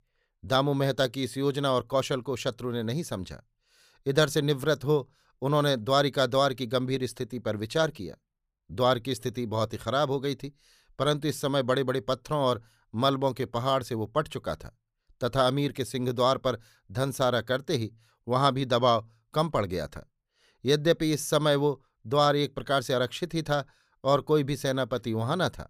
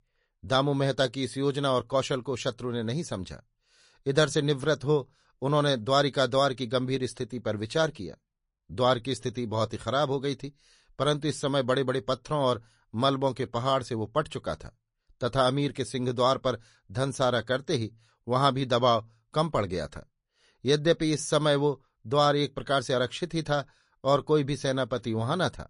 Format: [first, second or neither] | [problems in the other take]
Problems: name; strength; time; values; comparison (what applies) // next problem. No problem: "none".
first | garbled, watery; slightly; nothing above 10.5 kHz